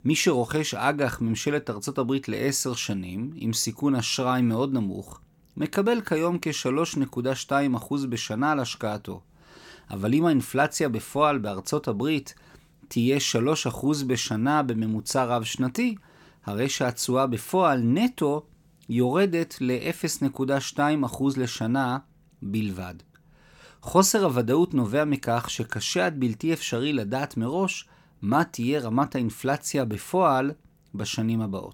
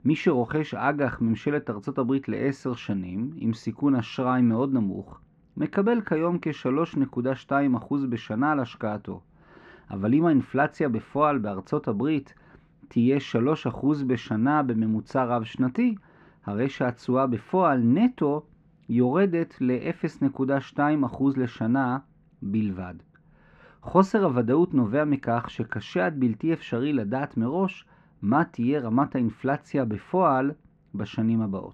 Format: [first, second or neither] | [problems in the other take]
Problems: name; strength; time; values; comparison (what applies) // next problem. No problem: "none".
first | muffled; very; fading above 1.5 kHz